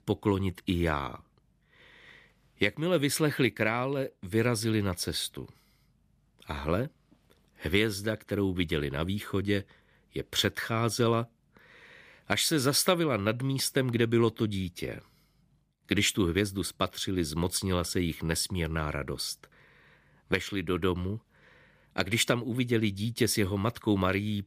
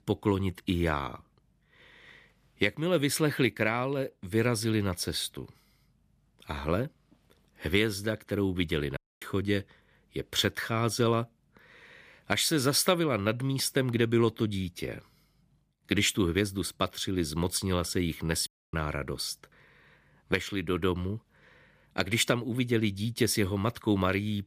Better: first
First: none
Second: audio cutting out; at 9 s and at 18 s

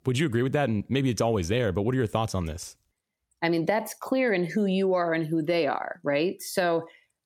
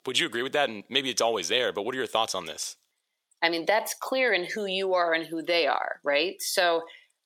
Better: first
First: none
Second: thin; somewhat; fading below 550 Hz

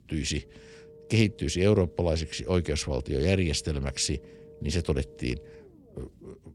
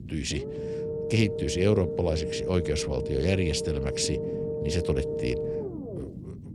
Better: first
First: low rumble; faint; throughout; 20 dB below the speech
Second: low rumble; loud; throughout; 2 dB below the speech

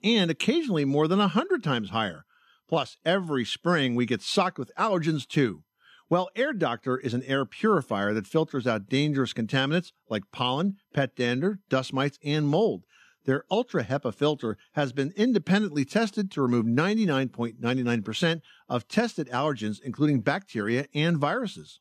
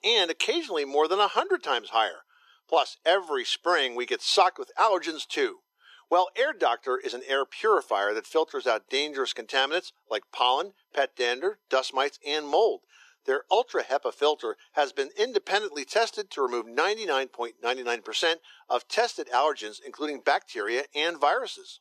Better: first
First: none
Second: thin; very; fading below 400 Hz

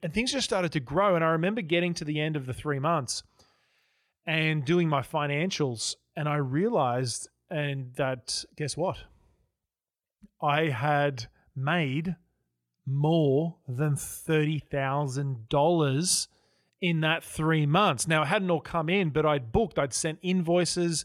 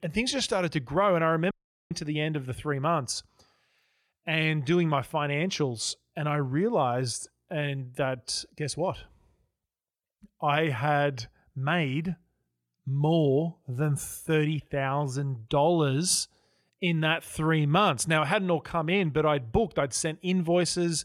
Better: first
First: none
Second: audio cutting out; at 1.5 s

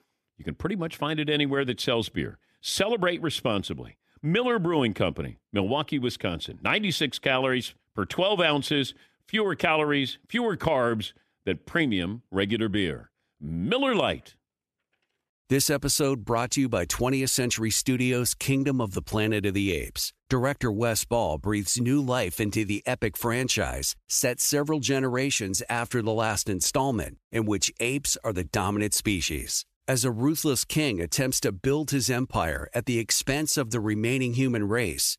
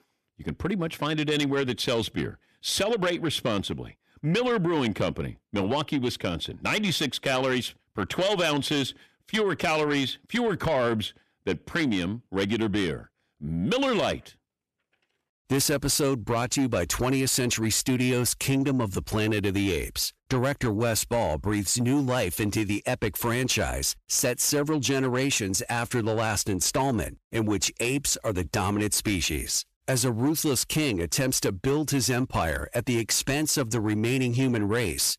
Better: first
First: none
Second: distortion; slight; 10 dB below the speech

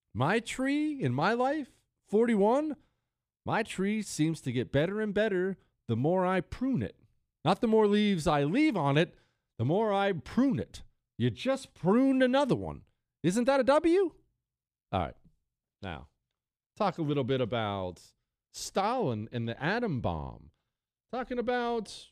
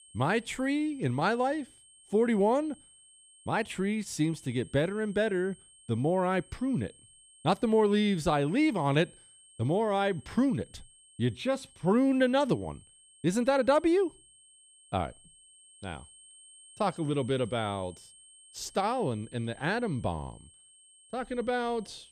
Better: first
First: none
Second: high-pitched whine; faint; throughout; 8.5 kHz, 25 dB below the speech

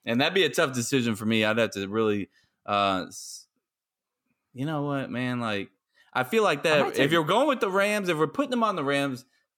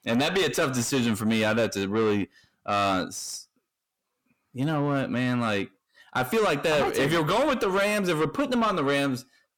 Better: first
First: none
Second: distortion; heavy; 8 dB below the speech

